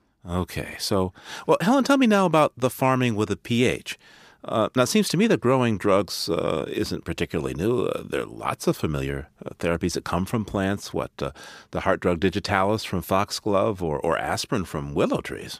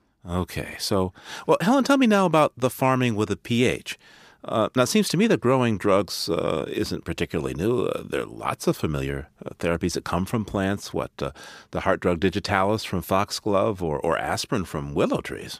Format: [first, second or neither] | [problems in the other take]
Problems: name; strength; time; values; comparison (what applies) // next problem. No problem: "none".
neither | none